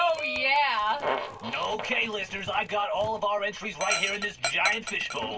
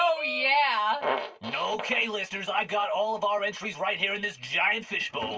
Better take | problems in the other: second | background sound (Dog); 10 dB below the speech

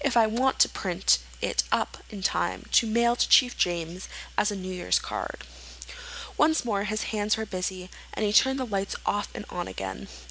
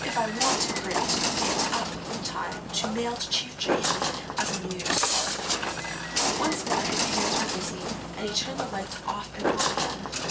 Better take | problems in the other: first | background sound (Walk, footsteps); 4 dB above the speech // room echo; dies away in 0.2 s

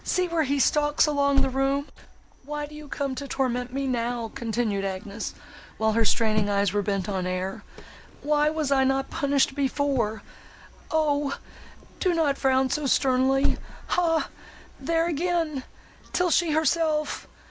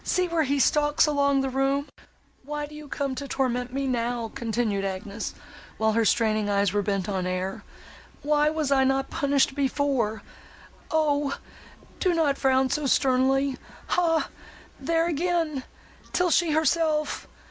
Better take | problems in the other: second | background sound (Cricket); 3 dB below the speech

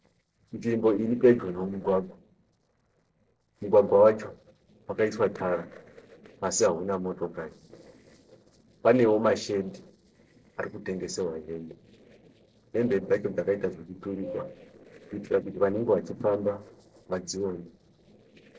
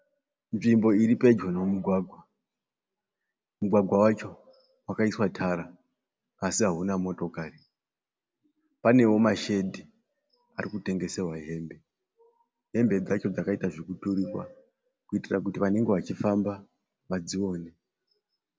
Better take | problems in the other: second | noise reduction (neural separator model SepFormer DNS4)

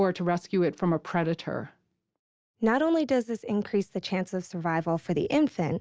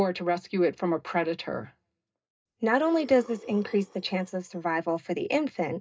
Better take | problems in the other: first | noise reduction (neural mask model DeepFilterNet 3)

